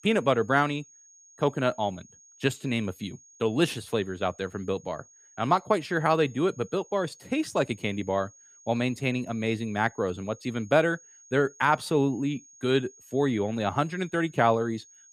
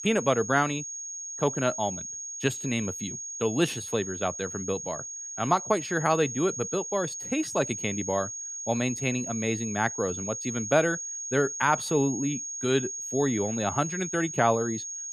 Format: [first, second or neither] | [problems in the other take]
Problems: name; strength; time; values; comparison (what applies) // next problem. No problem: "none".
first | high-pitched whine; loud; throughout; 6.5 kHz, 6 dB below the speech; faint in the first